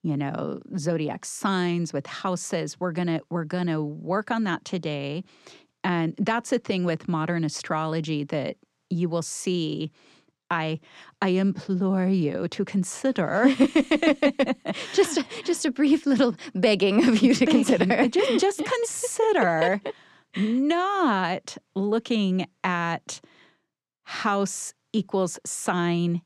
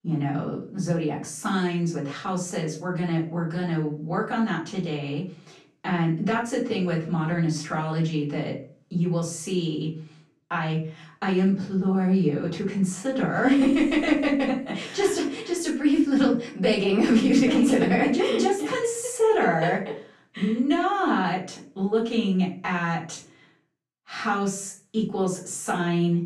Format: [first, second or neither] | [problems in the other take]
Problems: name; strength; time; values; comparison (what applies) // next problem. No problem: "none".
first | off-mic speech; far // room echo; slight; dies away in 0.3 s